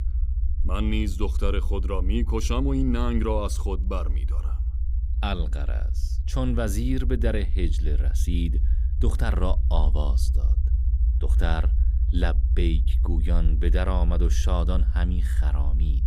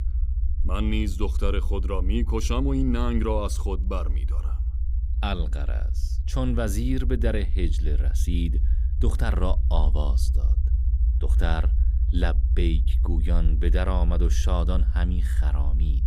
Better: neither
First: low rumble; noticeable; throughout; 15 dB below the speech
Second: low rumble; noticeable; throughout; 15 dB below the speech

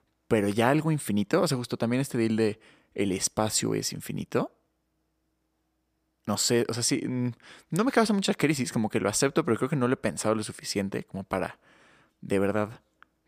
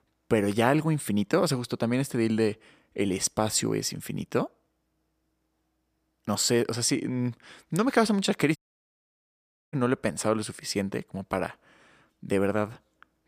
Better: first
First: none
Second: audio cutting out; at 8.5 s for 1 s

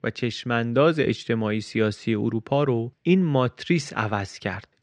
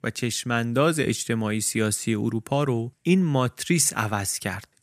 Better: second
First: muffled; slightly; fading above 4.5 kHz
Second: none

